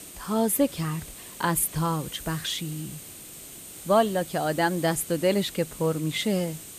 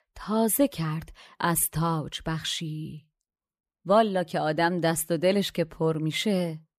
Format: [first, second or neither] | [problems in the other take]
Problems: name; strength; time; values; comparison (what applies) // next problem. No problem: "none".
second | hiss; noticeable; throughout; 15 dB below the speech